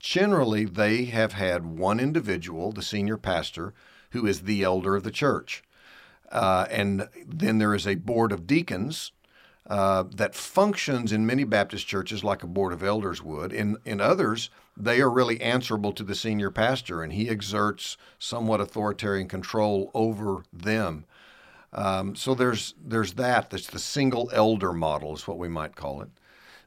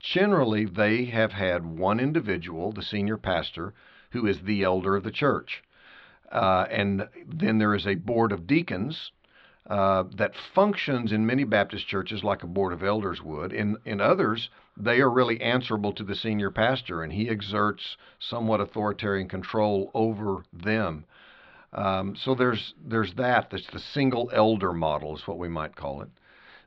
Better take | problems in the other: first | muffled; slightly; fading above 4 kHz

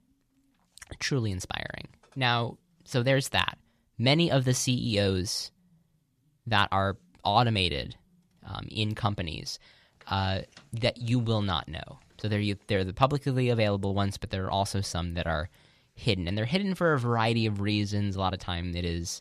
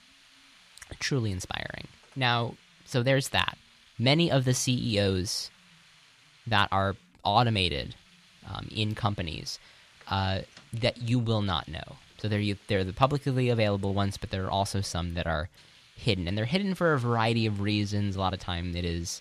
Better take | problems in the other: first | hiss; faint; throughout; 25 dB below the speech

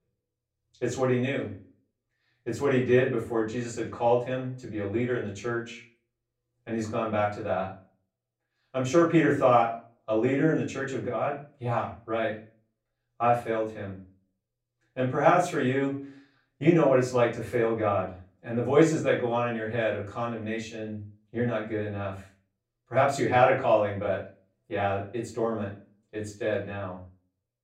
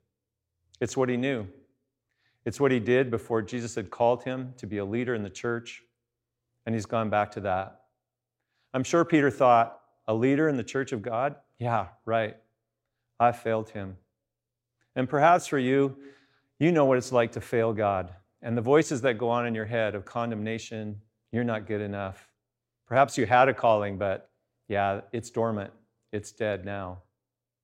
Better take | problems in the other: second | off-mic speech; far // room echo; slight; dies away in 0.3 s

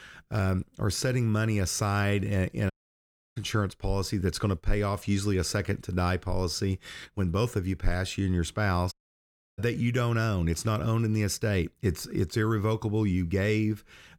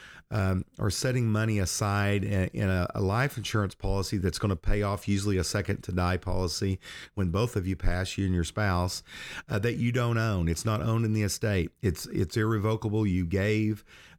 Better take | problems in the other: second | audio cutting out; at 2.5 s for 0.5 s and at 9 s for 0.5 s

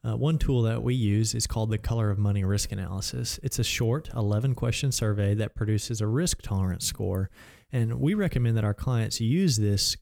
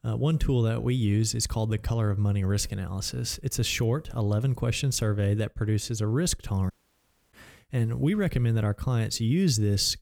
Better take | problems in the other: first | audio cutting out; at 6.5 s for 0.5 s

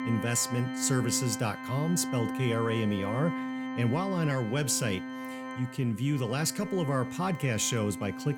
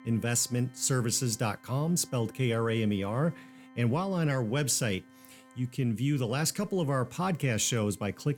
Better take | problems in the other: second | background music; loud; throughout; 7 dB below the speech; faint in the second

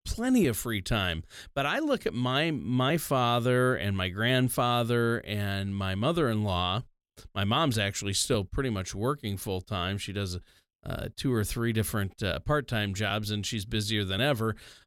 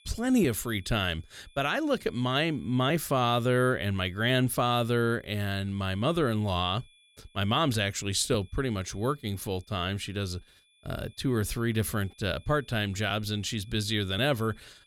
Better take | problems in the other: first | high-pitched whine; faint; throughout; 3.5 kHz, 30 dB below the speech

